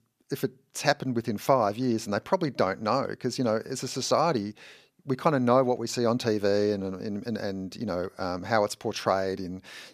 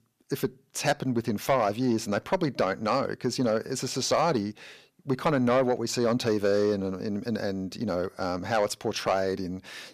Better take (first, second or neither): first